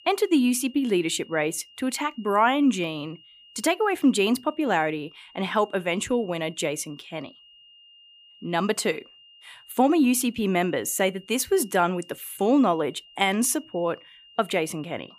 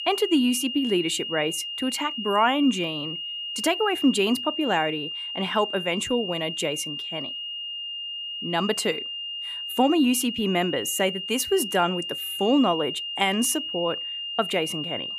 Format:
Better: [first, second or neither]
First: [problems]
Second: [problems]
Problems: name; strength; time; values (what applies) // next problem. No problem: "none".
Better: first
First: high-pitched whine; faint; throughout; 3 kHz, 25 dB below the speech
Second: high-pitched whine; loud; throughout; 3 kHz, 5 dB below the speech